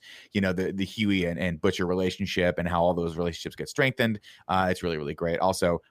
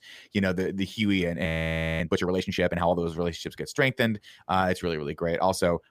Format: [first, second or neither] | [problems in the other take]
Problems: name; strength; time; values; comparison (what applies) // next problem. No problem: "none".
first | audio freezing; at 1.5 s for 0.5 s